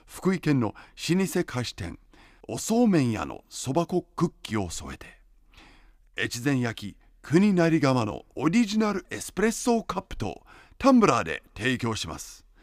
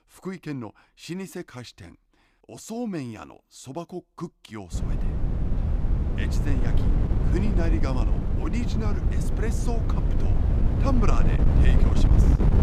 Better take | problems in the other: first | wind noise on the microphone; heavy; from 4.5 s on; as loud as the speech

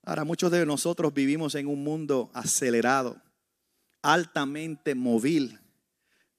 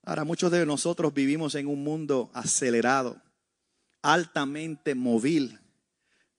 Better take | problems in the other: first | garbled, watery; slightly; nothing above 9 kHz

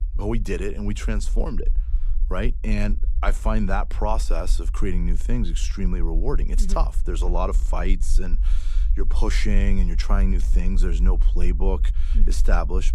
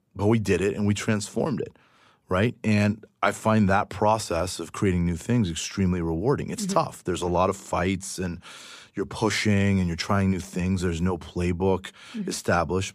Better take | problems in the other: second | low rumble; noticeable; throughout; 20 dB below the speech

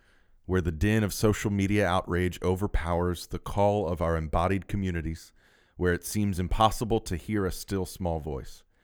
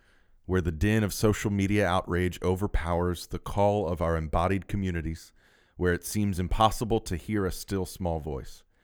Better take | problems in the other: neither | none

